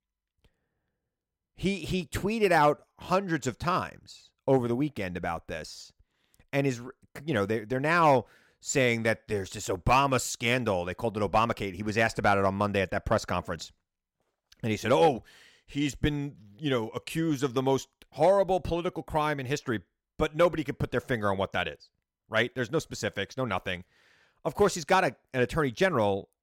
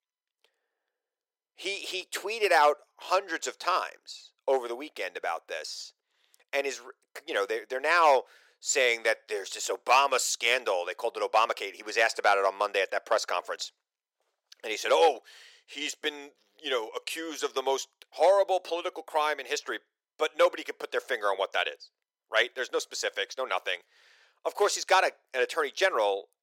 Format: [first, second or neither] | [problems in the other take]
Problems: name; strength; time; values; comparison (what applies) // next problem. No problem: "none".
first | thin; very; fading below 400 Hz